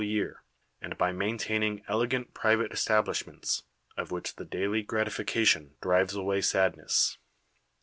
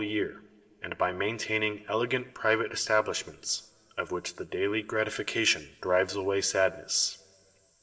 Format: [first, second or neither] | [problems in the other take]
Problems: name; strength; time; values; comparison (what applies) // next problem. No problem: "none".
first | room echo; dies away in 2.3 s